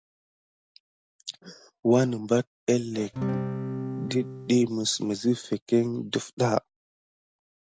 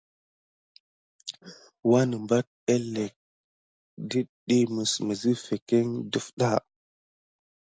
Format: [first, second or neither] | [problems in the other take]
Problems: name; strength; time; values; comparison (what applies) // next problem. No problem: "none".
second | background sound (Acoustic guitar / Strum); 4 dB below the speech